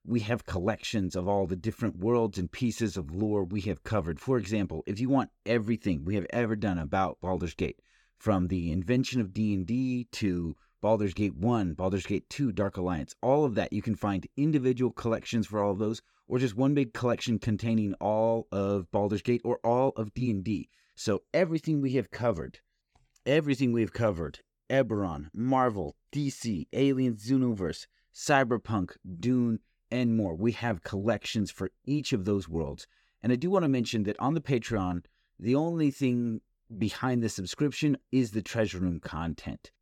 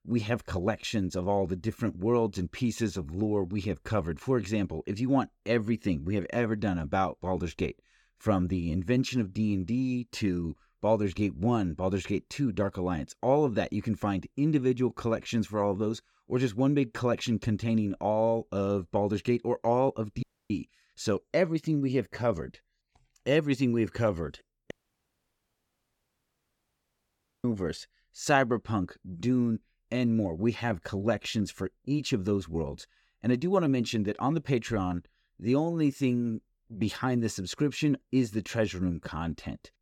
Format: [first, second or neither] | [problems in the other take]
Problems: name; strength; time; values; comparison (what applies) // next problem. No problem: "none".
first | audio cutting out; at 20 s and at 25 s for 2.5 s